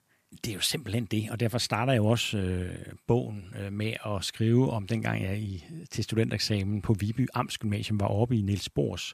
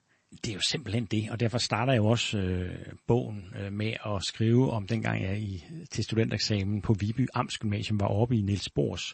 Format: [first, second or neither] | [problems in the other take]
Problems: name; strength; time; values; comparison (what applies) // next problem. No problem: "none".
first | garbled, watery; slightly; nothing above 8 kHz